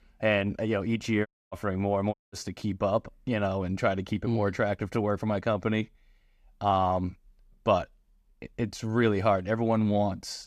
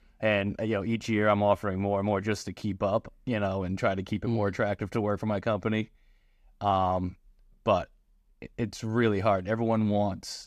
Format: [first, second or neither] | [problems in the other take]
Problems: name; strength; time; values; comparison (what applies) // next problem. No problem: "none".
second | audio cutting out; at 1.5 s and at 2 s